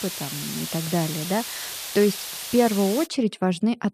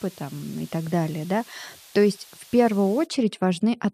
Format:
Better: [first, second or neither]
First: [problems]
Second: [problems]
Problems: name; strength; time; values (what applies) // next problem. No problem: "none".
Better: second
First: hiss; loud; until 3 s; 6 dB below the speech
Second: hiss; faint; until 3 s; 20 dB below the speech